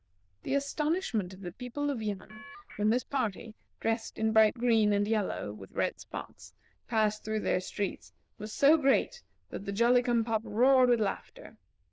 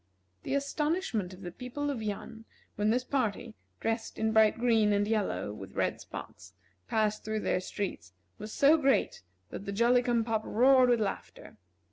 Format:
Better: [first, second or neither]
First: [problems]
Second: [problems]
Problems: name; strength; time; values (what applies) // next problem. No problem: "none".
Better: second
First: noise reduction (neural diffusion model UNIVERSE++)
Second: none